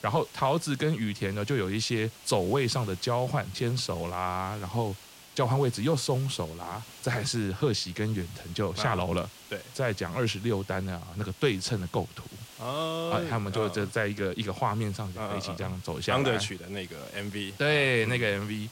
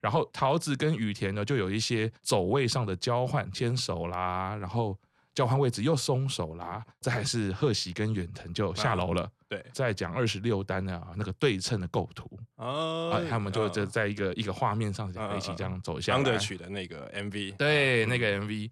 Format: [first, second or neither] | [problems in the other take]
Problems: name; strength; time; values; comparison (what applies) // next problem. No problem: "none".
second | hiss; noticeable; throughout; 20 dB below the speech